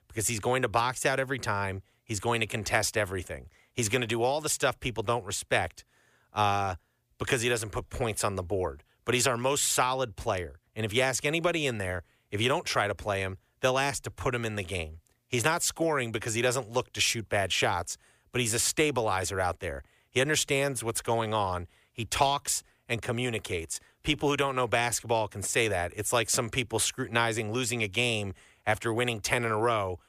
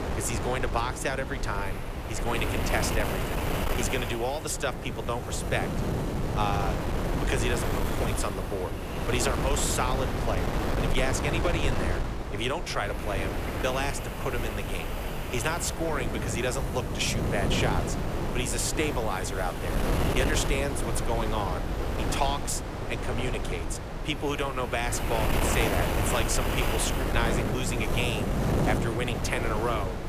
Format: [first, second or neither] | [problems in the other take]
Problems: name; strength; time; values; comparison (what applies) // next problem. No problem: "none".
first | wind noise on the microphone; heavy; 2 dB below the speech